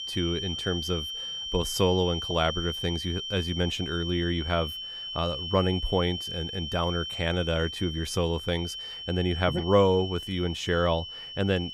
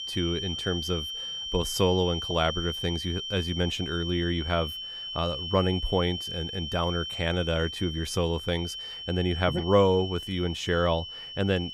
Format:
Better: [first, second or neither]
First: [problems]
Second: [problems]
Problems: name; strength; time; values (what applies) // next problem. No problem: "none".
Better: neither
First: high-pitched whine; loud; throughout; 3 kHz, 6 dB below the speech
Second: high-pitched whine; loud; throughout; 3 kHz, 6 dB below the speech